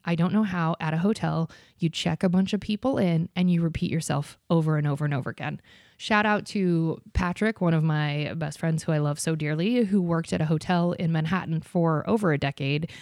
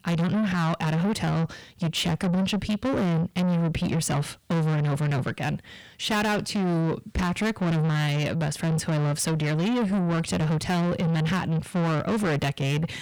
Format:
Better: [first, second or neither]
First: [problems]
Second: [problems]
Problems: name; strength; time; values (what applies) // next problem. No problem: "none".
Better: first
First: none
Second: distortion; heavy; 7 dB below the speech